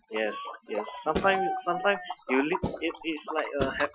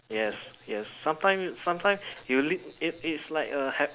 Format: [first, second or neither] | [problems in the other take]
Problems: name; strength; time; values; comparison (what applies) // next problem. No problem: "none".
second | noise reduction (classical method Wiener filter)